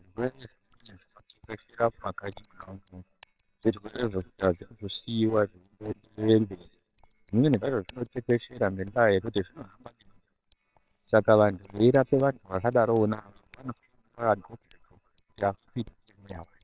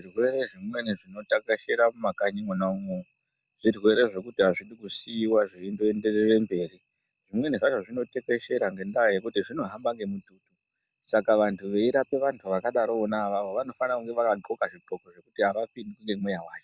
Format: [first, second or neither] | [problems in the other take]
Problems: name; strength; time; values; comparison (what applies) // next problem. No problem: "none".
second | noise reduction (neural separator model SepFormer WHAMR!)